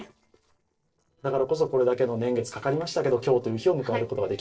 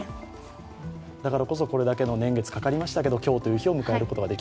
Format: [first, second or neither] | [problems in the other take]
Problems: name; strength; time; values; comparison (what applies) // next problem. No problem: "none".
second | noise reduction (neural separator model SepFormer DNS4)